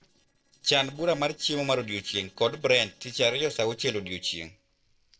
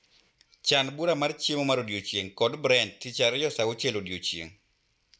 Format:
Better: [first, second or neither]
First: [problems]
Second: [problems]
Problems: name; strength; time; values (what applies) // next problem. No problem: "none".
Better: second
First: noise reduction (neural separator model SepFormer DNS4)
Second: none